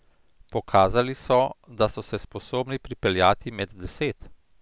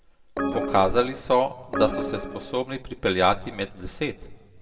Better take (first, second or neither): first